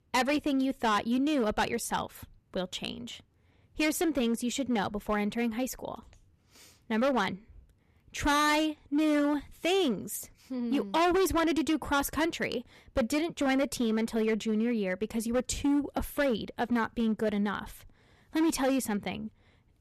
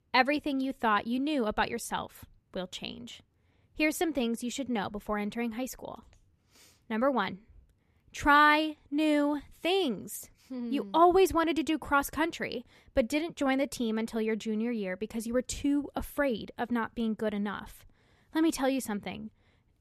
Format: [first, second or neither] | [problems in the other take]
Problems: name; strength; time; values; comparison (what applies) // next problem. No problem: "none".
second | distortion; heavy; 8% of the sound clipped